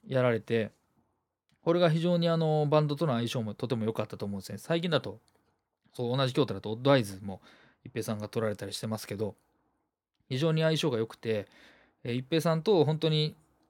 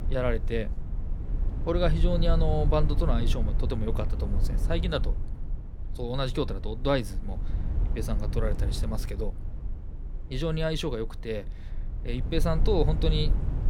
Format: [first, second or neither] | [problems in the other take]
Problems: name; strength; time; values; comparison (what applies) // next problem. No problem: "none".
first | low rumble; noticeable; throughout; 15 dB below the speech